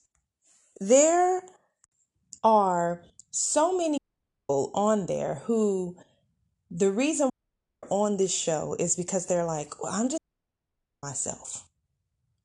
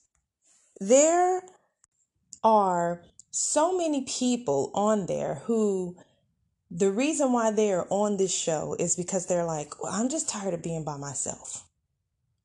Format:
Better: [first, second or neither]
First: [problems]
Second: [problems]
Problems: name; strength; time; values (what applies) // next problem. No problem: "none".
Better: second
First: audio cutting out; at 4 s for 0.5 s, at 7.5 s for 0.5 s and at 10 s for 1 s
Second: none